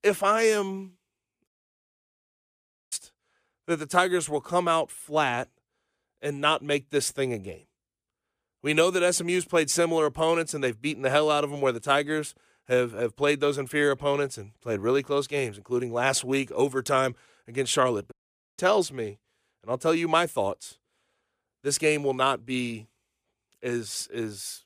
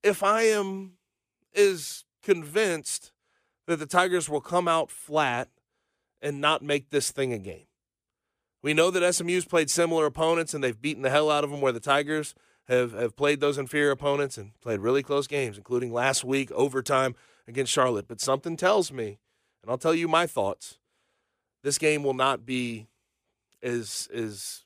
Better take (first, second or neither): second